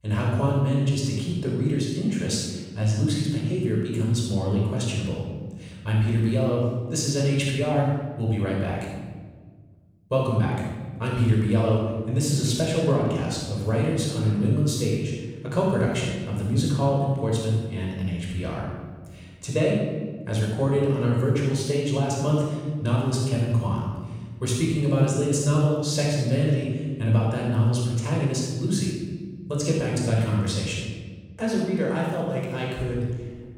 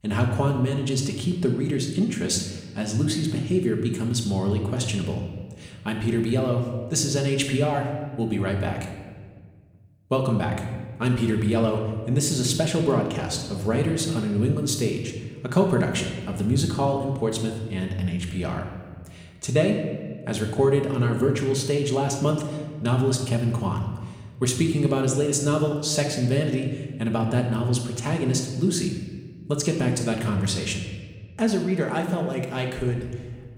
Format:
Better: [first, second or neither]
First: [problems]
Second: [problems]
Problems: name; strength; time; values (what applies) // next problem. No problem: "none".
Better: second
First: room echo; strong; dies away in 1.5 s // off-mic speech; far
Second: room echo; slight; dies away in 1.2 s // off-mic speech; somewhat distant